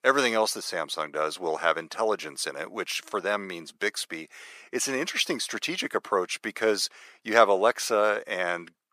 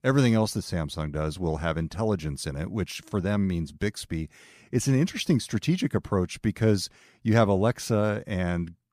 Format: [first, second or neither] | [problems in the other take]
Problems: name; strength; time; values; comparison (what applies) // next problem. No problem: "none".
second | thin; very; fading below 450 Hz